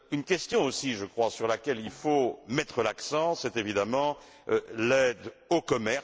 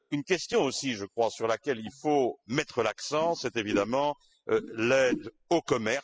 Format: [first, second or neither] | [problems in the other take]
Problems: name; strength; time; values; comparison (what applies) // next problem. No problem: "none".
first | noise reduction (classical method spectral subtraction)